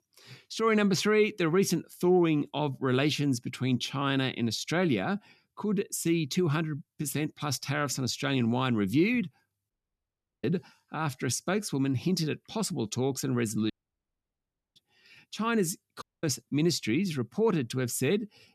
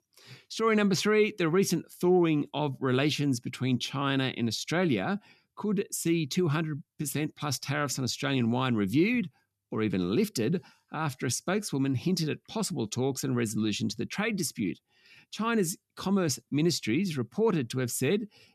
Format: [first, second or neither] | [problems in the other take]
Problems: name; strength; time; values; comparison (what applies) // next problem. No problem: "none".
second | audio cutting out; at 9.5 s for 0.5 s, at 14 s for 1 s and at 16 s